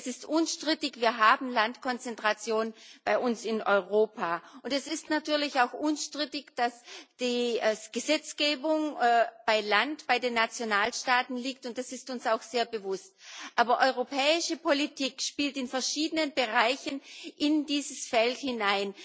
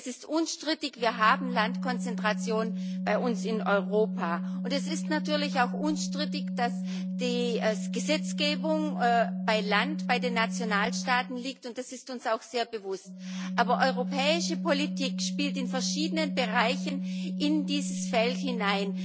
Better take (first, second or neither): first